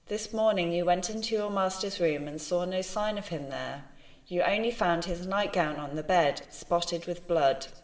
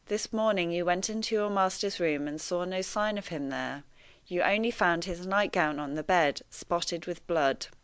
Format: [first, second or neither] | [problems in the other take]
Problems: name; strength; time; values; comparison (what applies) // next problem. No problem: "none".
second | room echo; dies away in 2.7 s